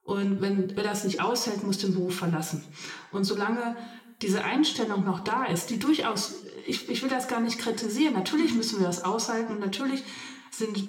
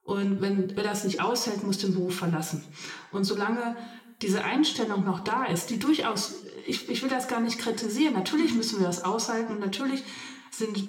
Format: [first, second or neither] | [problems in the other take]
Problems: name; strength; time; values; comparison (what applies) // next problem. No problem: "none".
neither | room echo; slight; dies away in 0.7 s; the same in both